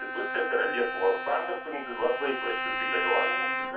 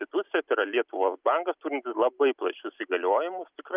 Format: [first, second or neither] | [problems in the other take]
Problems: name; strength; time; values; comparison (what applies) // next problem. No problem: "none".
second | background sound (Bowed string instrument); 1 dB below the speech // room echo; dies away in 0.3 s